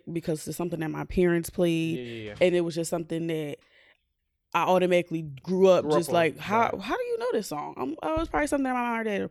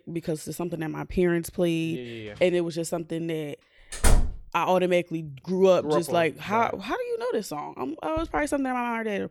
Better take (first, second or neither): first